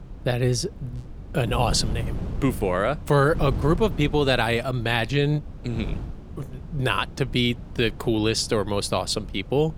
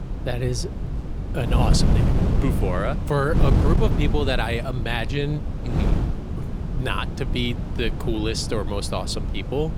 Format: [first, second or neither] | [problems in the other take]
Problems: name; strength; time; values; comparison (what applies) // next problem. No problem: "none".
first | wind noise on the microphone; heavy; 7 dB below the speech; occasional gusts in the first